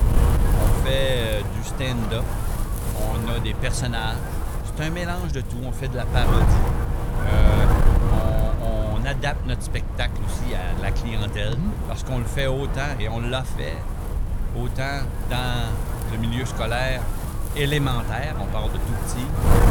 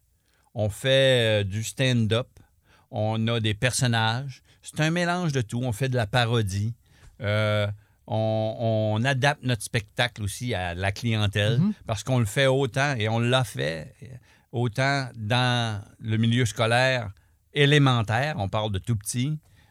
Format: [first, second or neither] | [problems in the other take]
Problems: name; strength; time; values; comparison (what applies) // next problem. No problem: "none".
second | wind noise on the microphone; heavy; 4 dB below the speech